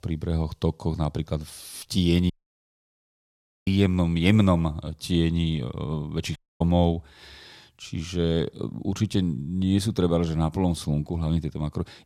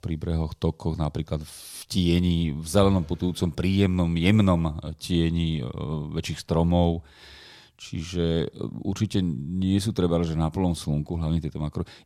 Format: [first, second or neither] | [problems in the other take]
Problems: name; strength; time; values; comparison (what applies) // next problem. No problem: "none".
second | audio cutting out; at 2.5 s for 1.5 s and at 6.5 s